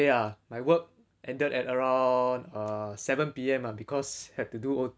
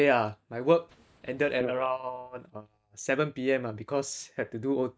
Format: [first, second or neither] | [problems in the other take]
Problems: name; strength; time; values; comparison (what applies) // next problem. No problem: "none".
first | noise reduction (neural mask model DeepFilterNet 3)